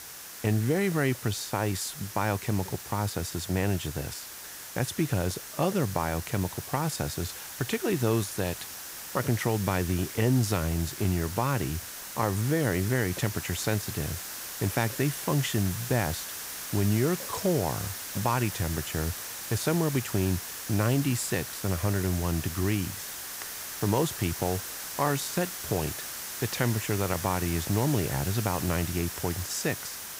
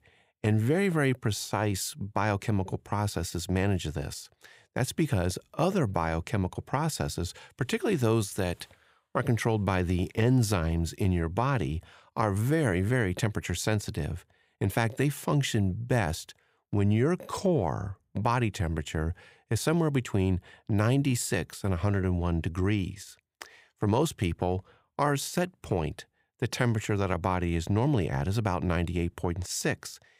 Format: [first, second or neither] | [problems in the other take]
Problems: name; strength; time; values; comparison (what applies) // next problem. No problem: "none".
second | hiss; loud; throughout; 7 dB below the speech